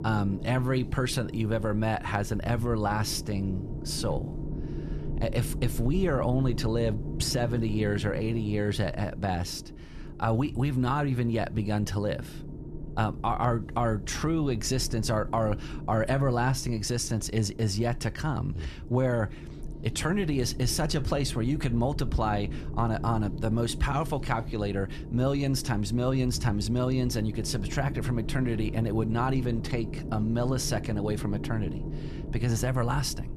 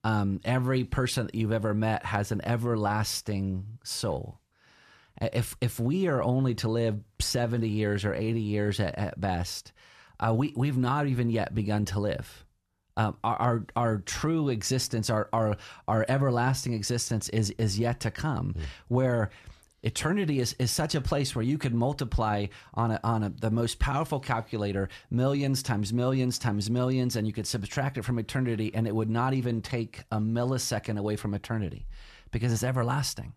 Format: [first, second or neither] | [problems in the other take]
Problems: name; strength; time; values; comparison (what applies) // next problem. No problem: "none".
second | low rumble; noticeable; throughout; 15 dB below the speech